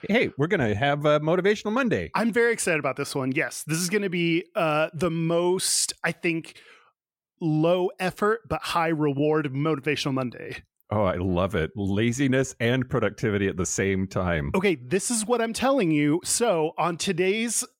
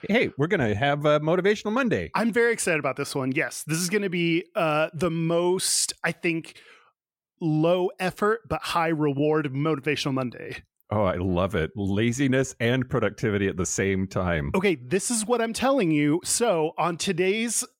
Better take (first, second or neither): neither